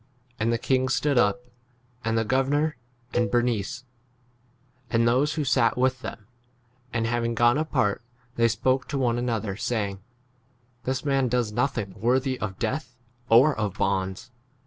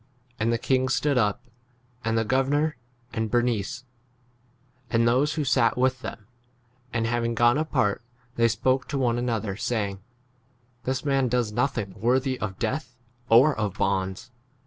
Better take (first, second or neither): second